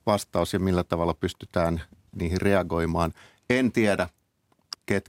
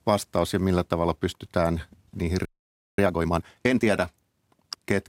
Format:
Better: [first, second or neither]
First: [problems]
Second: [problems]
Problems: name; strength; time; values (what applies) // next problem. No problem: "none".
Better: first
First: none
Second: audio freezing; at 2.5 s for 0.5 s